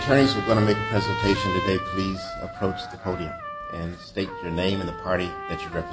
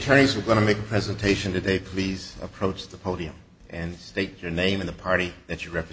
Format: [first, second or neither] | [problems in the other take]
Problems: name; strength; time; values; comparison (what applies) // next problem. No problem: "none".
second | background sound (Trumpet); 7 dB below the speech // room echo; dies away in 0.7 s